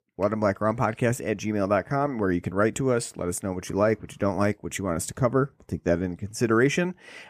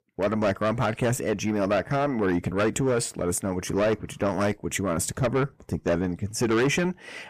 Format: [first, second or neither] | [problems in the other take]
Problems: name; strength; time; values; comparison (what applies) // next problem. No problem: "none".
first | distortion; heavy; 7 dB below the speech